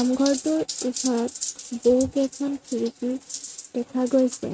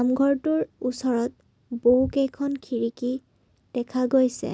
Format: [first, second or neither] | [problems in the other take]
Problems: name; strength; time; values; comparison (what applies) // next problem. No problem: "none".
second | noise reduction (neural mask model RNNoise)